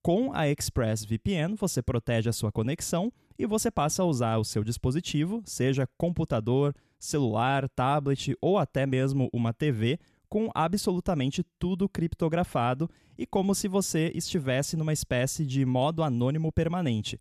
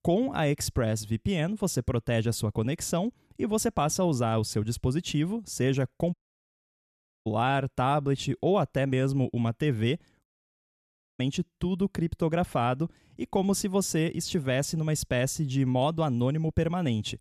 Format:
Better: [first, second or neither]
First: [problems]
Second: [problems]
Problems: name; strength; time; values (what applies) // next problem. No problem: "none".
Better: first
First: none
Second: audio cutting out; at 6 s for 1 s and at 10 s for 1 s